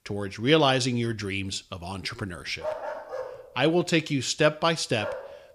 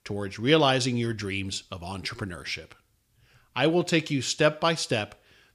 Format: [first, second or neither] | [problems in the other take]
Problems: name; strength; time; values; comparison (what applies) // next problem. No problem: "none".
second | dog barking; noticeable; from 2.5 s on; peak 7 dB below the speech